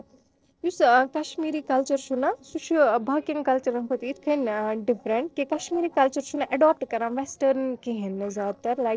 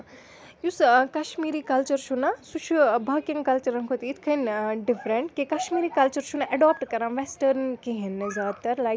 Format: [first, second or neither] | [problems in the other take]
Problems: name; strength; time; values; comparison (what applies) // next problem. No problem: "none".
second | noise reduction (neural separator model SepFormer DNS4)